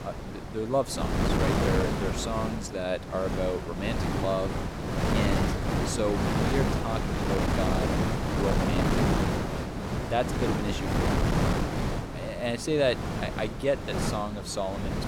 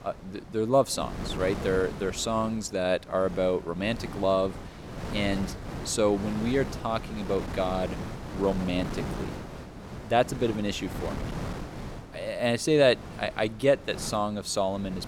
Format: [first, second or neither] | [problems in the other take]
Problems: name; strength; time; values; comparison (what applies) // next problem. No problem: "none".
second | wind noise on the microphone; heavy; as loud as the speech; occasional gusts in the second